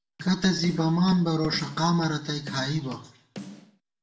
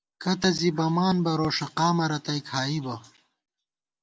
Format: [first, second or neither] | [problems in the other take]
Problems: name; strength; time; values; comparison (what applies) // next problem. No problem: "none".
second | background sound (Bass drum / Snare drum); 17 dB below the speech // room echo; dies away in 0.5 s